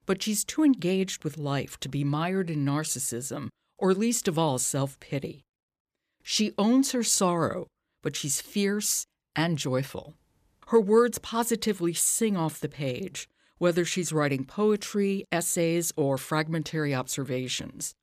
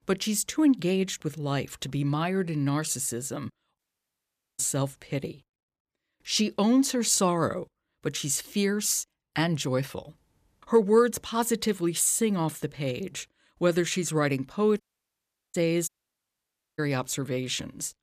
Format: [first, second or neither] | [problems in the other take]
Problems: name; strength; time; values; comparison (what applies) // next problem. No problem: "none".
first | audio cutting out; at 4 s for 1 s, at 15 s for 0.5 s and at 16 s for 1 s